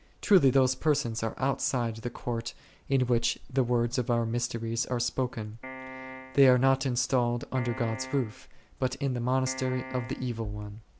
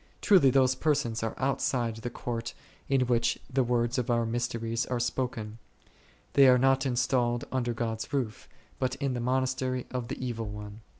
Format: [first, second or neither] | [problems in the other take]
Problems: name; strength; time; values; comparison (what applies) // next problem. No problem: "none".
second | background sound (Piano); 13 dB below the speech